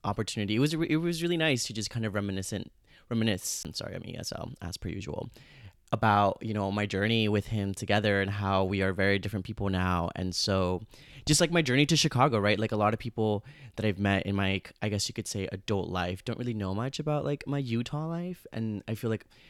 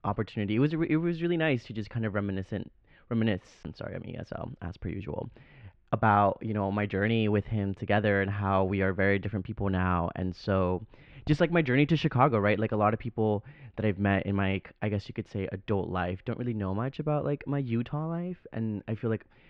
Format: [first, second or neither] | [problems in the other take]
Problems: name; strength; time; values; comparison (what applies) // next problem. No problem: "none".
first | muffled; very; fading above 2.5 kHz